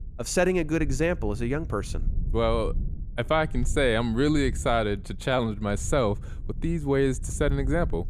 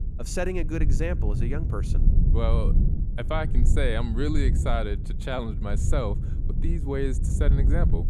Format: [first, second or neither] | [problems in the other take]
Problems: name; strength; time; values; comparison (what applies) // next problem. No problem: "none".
first | low rumble; loud; throughout; 9 dB below the speech; faint in the first